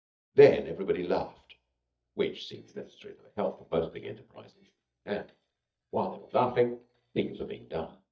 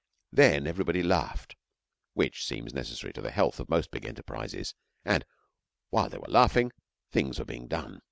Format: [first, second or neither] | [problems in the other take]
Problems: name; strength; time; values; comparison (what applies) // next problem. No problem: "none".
second | noise reduction (neural mask model DeepFilterNet 3)